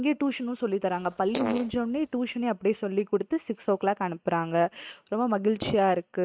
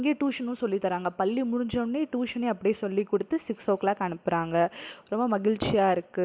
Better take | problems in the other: second | noise reduction (neural mask model RNNoise)

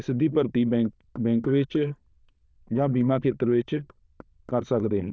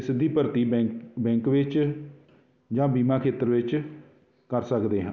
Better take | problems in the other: second | noise reduction (neural diffusion model UNIVERSE++)

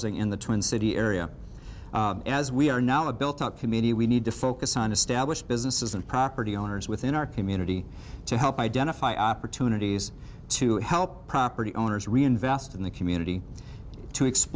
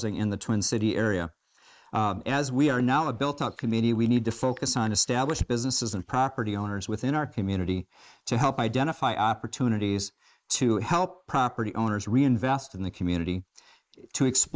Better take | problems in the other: first | noise reduction (neural mask model Resemble Enhance denoiser)

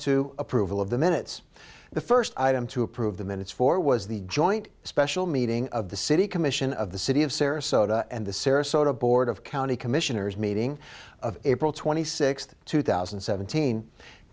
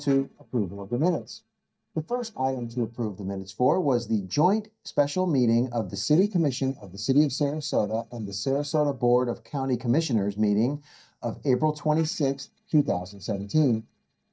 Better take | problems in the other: first | noise reduction (neural mask model DeepFilterNet 3)

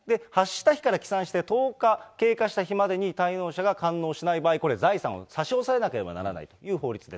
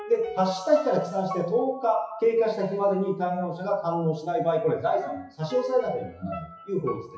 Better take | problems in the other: first | noise reduction (classical method WPE with log-MMSE)

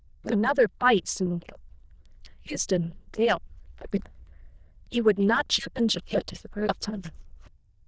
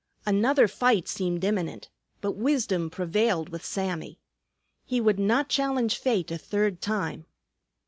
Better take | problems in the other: second | noise reduction (neural diffusion model UNIVERSE++)

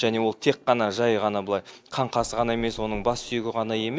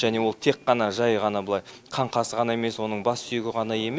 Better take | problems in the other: second | noise reduction (neural mask model DeepFilterNet 3)

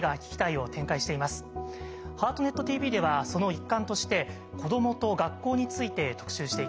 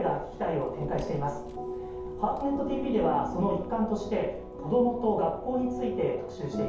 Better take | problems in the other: first | background sound (Vehicle); 16 dB below the speech // room echo; dies away in 0.7 s

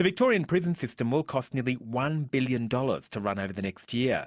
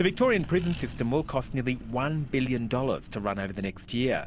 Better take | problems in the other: first | background sound (Accelerating, revving, vroom); 13 dB below the speech

